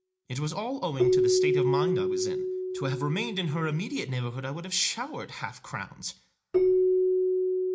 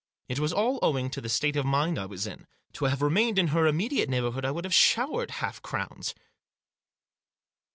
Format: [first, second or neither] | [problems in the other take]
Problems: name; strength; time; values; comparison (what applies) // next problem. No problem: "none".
second | background sound (Keyboard (musical)); 4 dB above the speech // room echo; dies away in 0.4 s